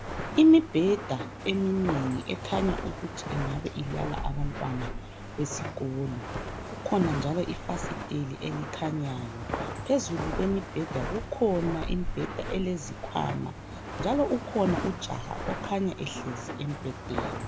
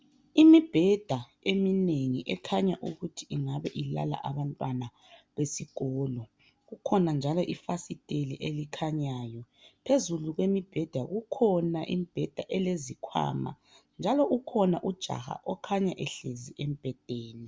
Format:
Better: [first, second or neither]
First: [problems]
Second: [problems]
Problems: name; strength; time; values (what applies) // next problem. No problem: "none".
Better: second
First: background sound (Walk, footsteps); 6 dB below the speech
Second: none